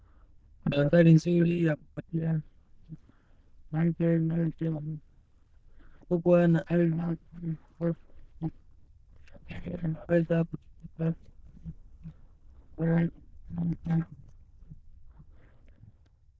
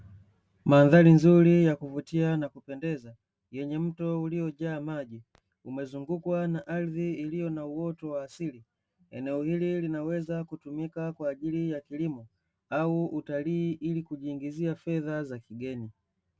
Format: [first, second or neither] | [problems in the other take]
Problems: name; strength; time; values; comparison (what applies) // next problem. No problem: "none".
second | noise reduction (neural diffusion model UNIVERSE++)